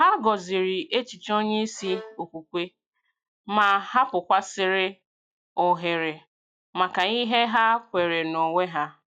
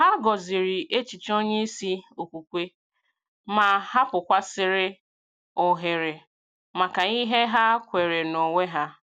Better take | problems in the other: second | noise reduction (classical method log-MMSE)

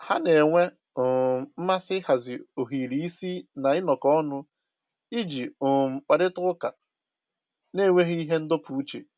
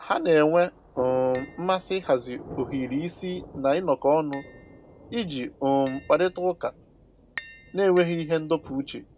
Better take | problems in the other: first | background sound (Thunder + Tap); 19 dB below the speech

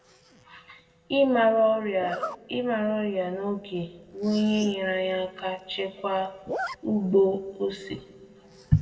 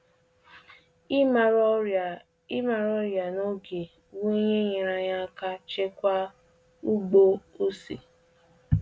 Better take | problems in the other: second | background sound (Zipper (clothing)); 15 dB below the speech // room echo; dies away in 1.1 s

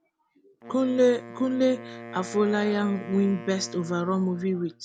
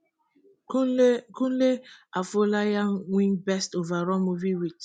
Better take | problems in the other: second | background sound (Wind instrument, woodwind instrument); 15 dB below the speech

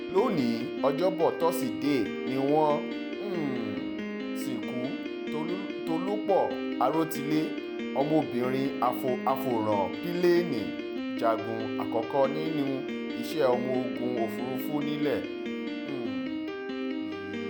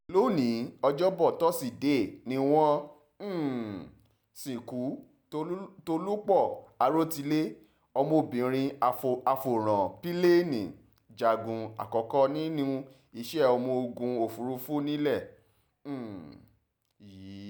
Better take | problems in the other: second | background sound (Piano); 4 dB below the speech

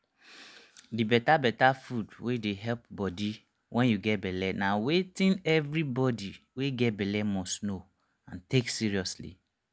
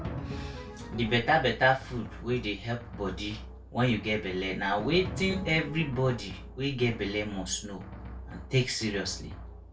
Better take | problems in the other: first | background sound (Drum); 11 dB below the speech // room echo; dies away in 0.3 s

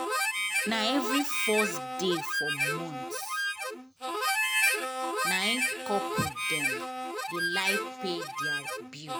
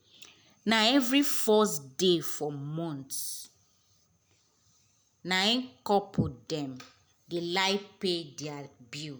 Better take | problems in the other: second | background sound (Harmonica); 4 dB above the speech

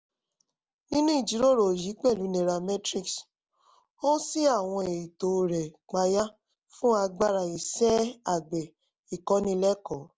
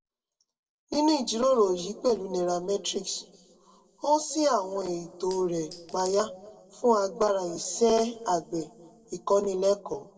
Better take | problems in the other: first | noise reduction (neural separator model SepFormer DNS4)

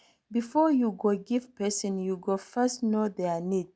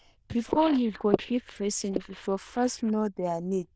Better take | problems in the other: first | noise reduction (neural diffusion model UNIVERSE++)

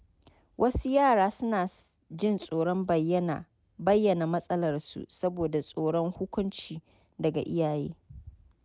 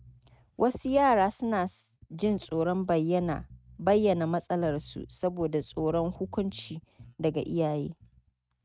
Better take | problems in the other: first | noise reduction (neural mask model RNNoise)

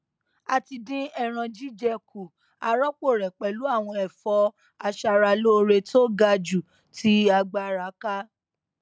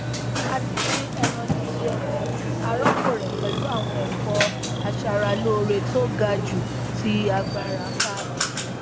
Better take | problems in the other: first | background sound (Burping, eructation); 2 dB above the speech

